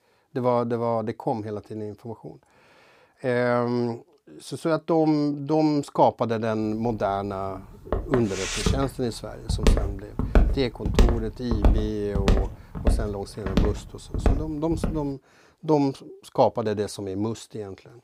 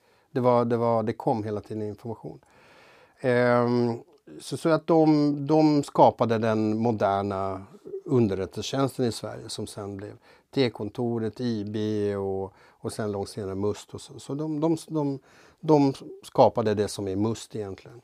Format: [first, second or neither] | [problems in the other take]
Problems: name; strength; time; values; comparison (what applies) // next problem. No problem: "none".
second | footsteps; loud; from 8 to 15 s; peak 4 dB above the speech